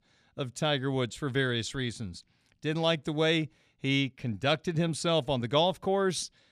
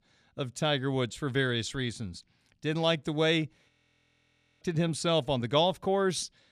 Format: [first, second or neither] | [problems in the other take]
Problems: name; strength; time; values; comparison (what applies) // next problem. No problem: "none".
first | audio freezing; at 3.5 s for 1 s